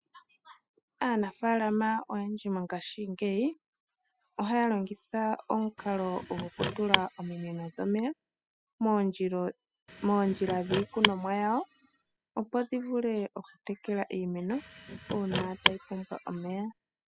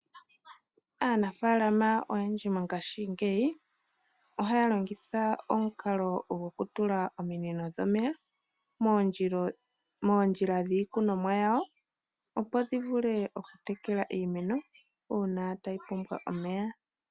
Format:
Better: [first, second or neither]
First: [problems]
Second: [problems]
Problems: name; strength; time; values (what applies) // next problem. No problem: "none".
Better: second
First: noise reduction (classical method spectral subtraction)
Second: none